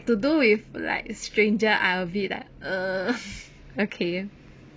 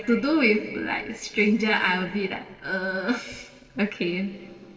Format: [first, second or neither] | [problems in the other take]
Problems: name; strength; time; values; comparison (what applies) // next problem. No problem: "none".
first | noise reduction (neural separator model SepFormer DNS4)